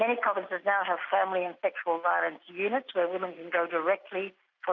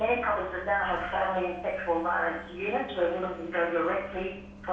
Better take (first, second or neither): first